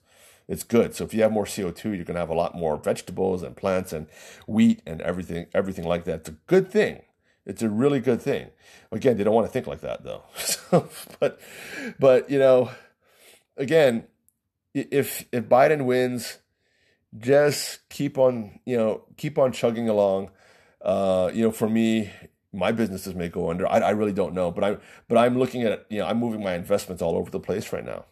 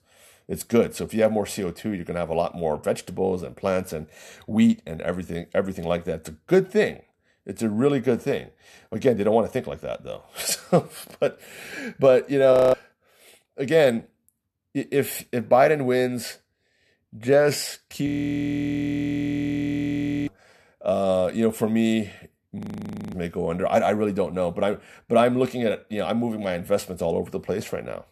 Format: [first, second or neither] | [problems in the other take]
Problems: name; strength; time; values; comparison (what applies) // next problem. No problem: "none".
first | audio freezing; at 13 s, at 18 s for 2 s and at 23 s for 0.5 s